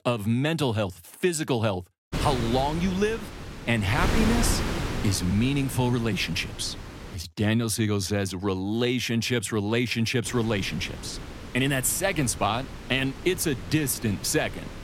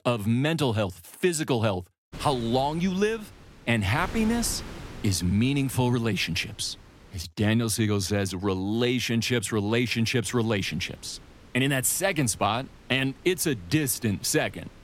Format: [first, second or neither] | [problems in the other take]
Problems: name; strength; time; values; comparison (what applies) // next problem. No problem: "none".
second | wind noise on the microphone; heavy; from 2 to 7 s and from 10 s on; 8 dB below the speech; occasional gusts in the second